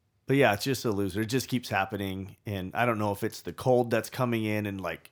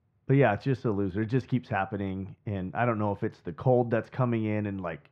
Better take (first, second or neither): first